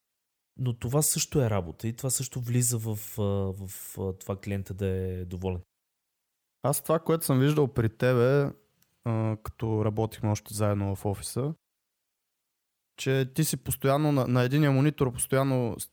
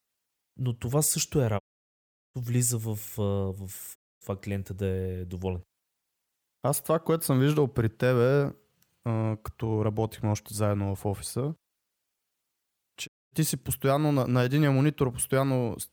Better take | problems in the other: first | audio cutting out; at 1.5 s for 0.5 s, at 4 s and at 13 s

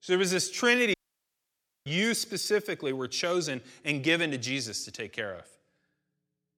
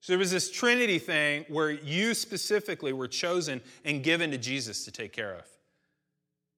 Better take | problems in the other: second | audio cutting out; at 1 s for 1 s

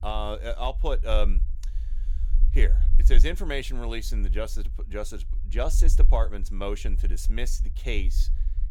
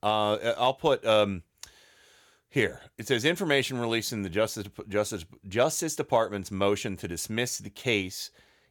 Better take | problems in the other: second | low rumble; noticeable; throughout; 20 dB below the speech

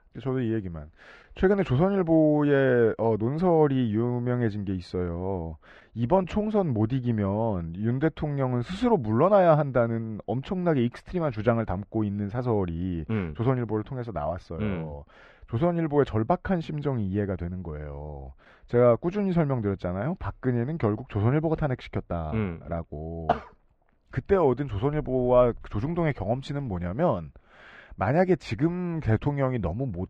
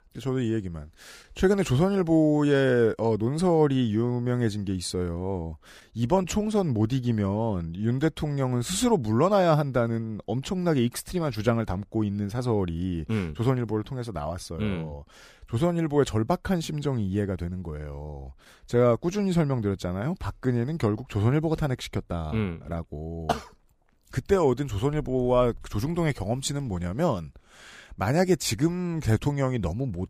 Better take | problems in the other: second | muffled; very; fading above 2 kHz

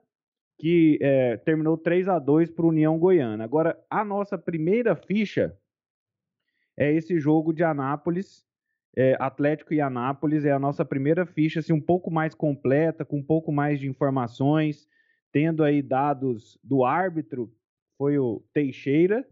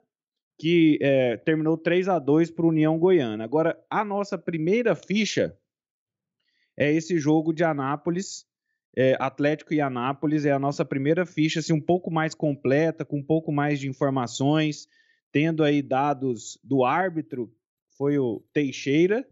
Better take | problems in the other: second | muffled; very slightly; fading above 2 kHz

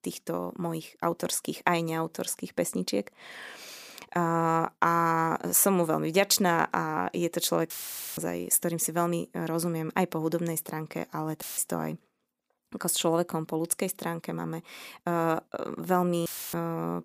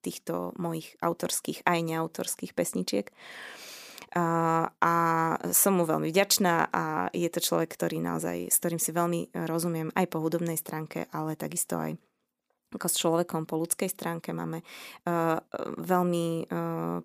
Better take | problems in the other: second | audio cutting out; filled with static; at 7.5 s, at 11 s and at 16 s

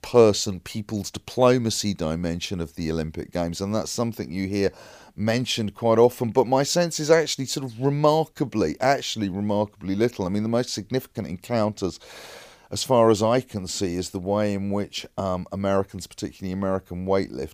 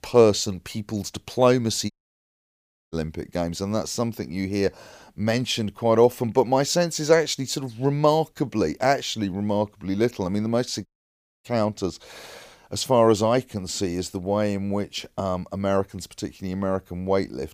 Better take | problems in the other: first | audio cutting out; at 2 s for 1 s and at 11 s for 0.5 s

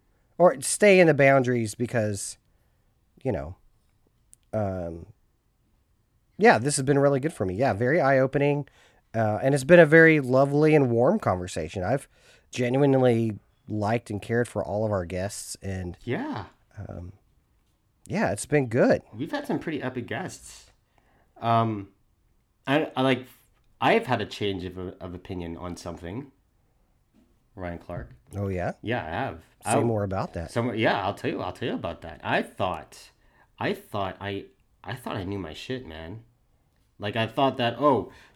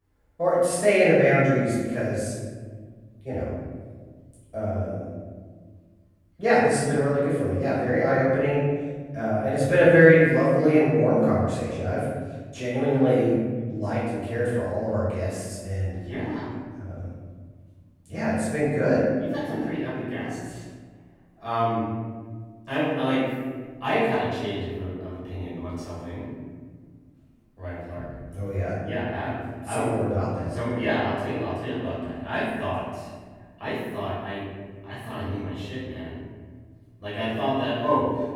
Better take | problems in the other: first | off-mic speech; far // room echo; strong; dies away in 1.6 s

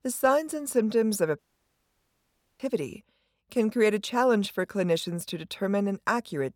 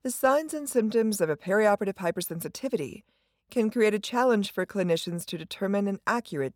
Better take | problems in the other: second | audio cutting out; at 1.5 s for 1 s

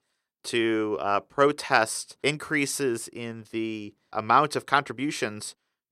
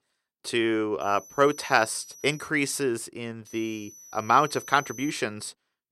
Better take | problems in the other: first | high-pitched whine; noticeable; from 1 to 2.5 s and from 3.5 to 5 s; 6 kHz, 20 dB below the speech

